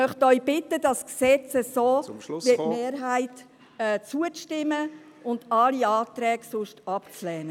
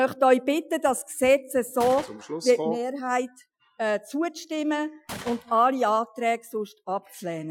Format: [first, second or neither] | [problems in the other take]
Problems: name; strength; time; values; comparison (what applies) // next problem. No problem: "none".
first | noise reduction (classical method Wiener filter)